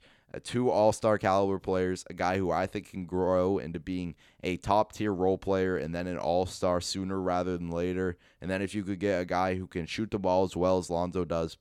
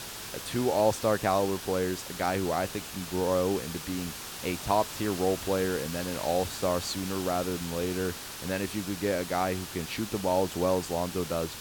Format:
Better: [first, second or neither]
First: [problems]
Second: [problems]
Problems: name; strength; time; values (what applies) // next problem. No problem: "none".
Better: first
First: none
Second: hiss; loud; throughout; 8 dB below the speech